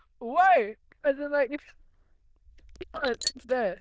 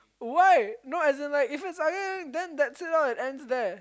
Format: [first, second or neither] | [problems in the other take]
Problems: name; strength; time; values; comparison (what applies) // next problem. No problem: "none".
second | noise reduction (neural diffusion model UNIVERSE++)